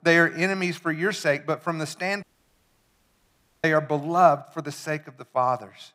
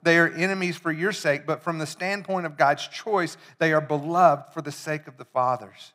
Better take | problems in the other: second | audio cutting out; at 2 s for 1.5 s

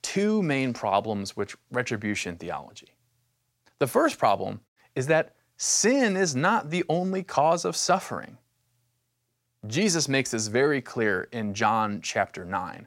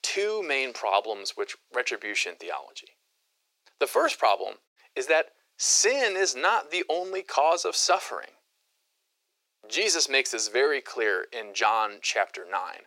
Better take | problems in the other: first | thin; very; fading below 350 Hz

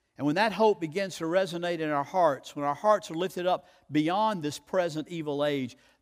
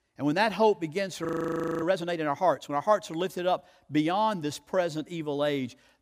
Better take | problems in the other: first | audio freezing; at 1.5 s for 0.5 s

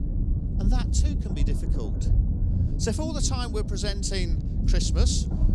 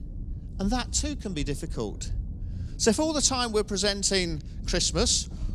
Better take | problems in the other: second | low rumble; loud; throughout; 7 dB below the speech; faint in the second

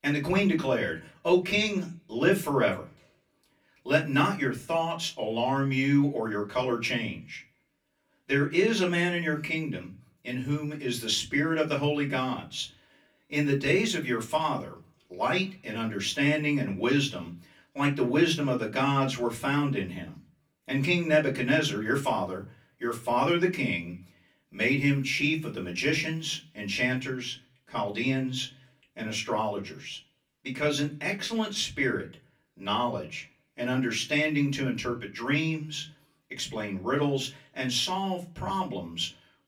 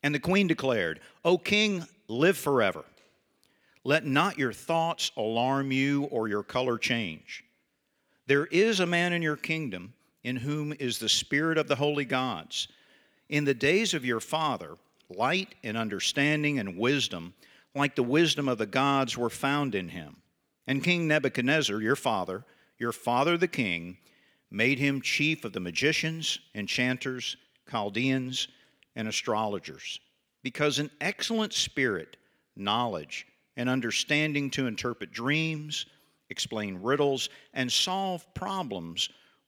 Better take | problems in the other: second | off-mic speech; far // room echo; very slight; dies away in 0.3 s

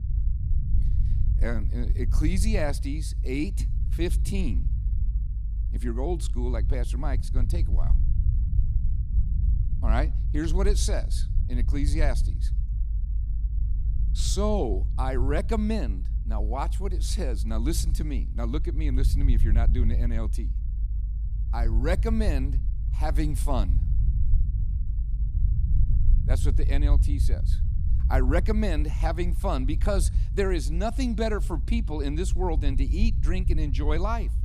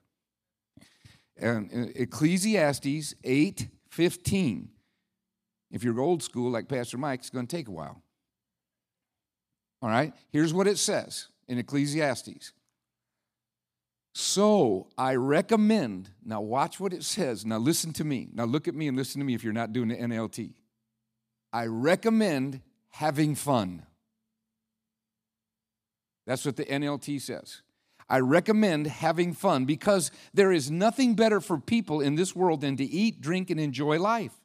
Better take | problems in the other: second | low rumble; noticeable; throughout; 15 dB below the speech

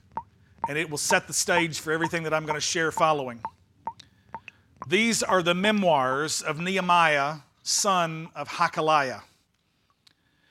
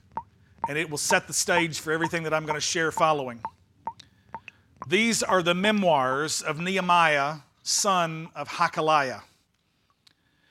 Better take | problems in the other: neither | rain or running water; noticeable; throughout; 15 dB below the speech; the same in both

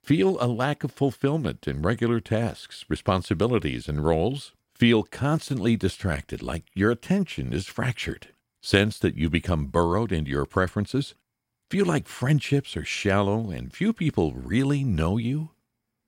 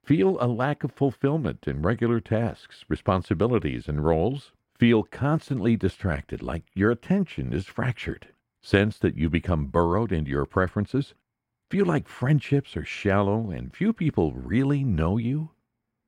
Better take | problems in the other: first | muffled; slightly; fading above 3 kHz

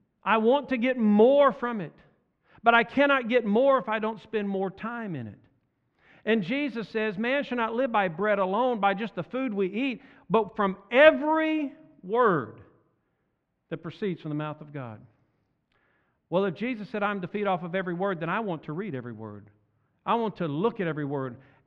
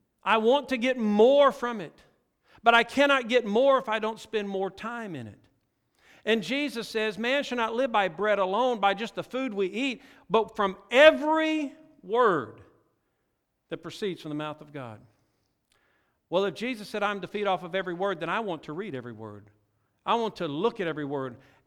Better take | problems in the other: second | muffled; slightly; fading above 2 kHz

